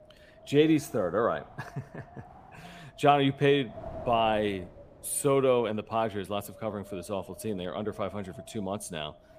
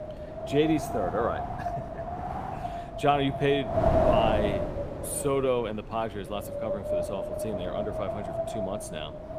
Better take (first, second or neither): first